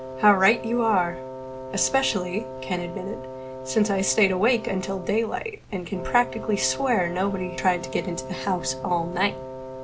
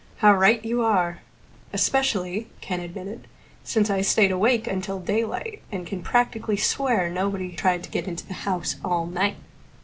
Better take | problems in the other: second | background sound (Wind instrument, woodwind instrument); 10 dB below the speech

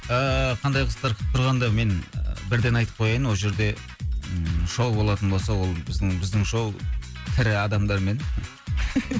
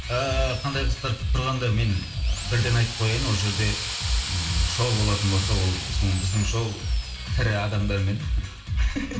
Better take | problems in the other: first | background sound (Drill); 10 dB below the speech // room echo; dies away in 0.8 s

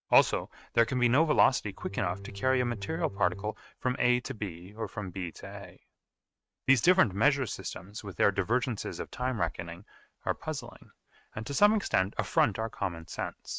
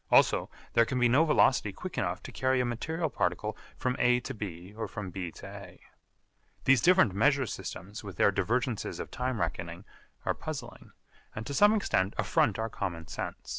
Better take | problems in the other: second | noise reduction (neural mask model RNNoise)

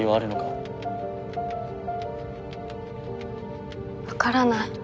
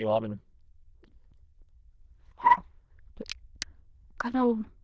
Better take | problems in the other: first | noise reduction (neural diffusion model UNIVERSE++)

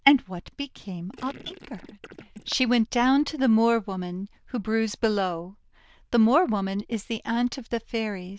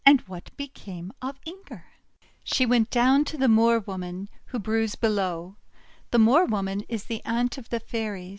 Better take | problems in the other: second | noise reduction (neural diffusion model UNIVERSE++)

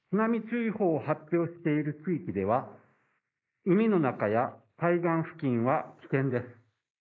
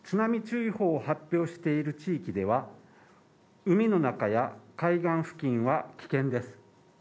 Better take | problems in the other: second | noise reduction (neural mask model Resemble Enhance denoiser)

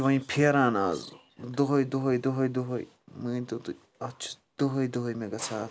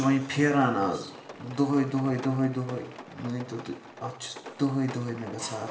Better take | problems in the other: first | background sound (Rain); 17 dB below the speech // room echo; dies away in 1 s

